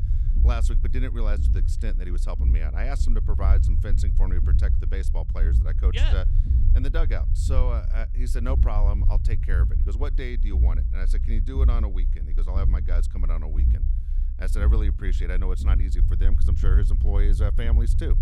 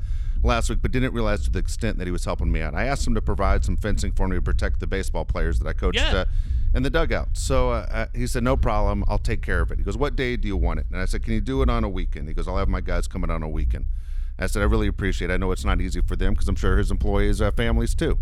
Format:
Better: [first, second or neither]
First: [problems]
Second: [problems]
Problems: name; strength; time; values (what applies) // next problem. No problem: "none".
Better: second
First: low rumble; loud; throughout; 6 dB below the speech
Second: low rumble; faint; throughout; 20 dB below the speech